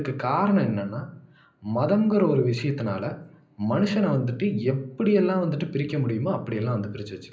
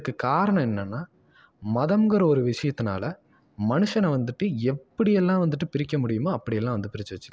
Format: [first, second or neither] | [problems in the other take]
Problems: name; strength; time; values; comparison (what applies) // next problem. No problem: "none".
second | room echo; dies away in 0.5 s